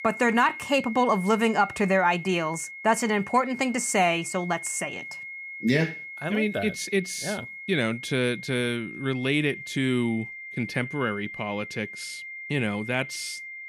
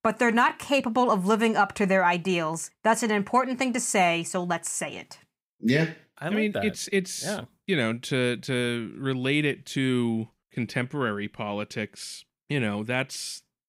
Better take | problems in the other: second | high-pitched whine; noticeable; throughout; 2 kHz, 10 dB below the speech

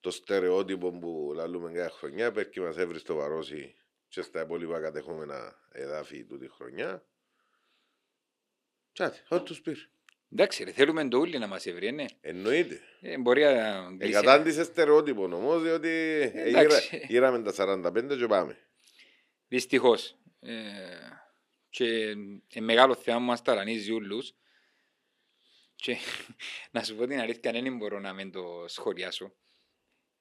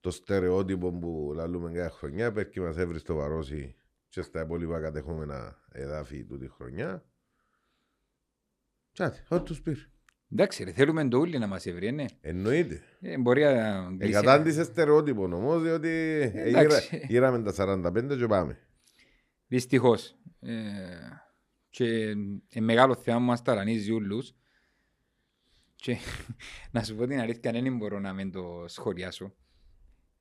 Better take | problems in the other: second | thin; very slightly; fading below 350 Hz

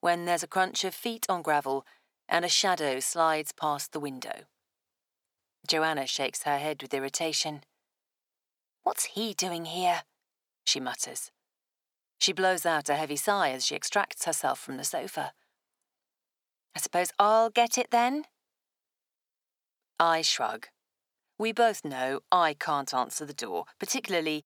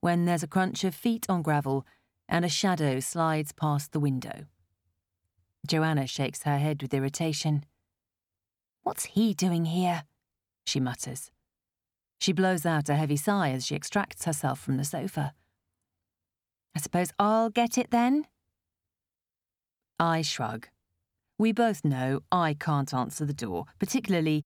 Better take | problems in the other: second | thin; very; fading below 550 Hz

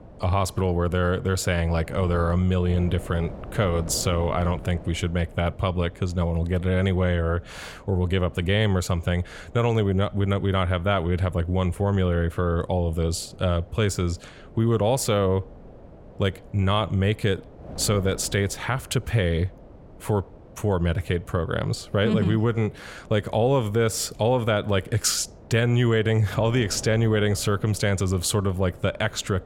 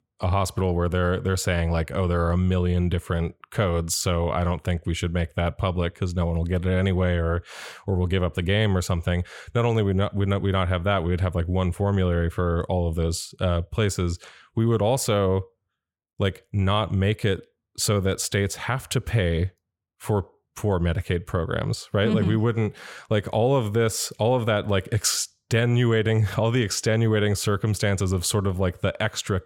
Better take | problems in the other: second | wind noise on the microphone; occasional gusts; 20 dB below the speech

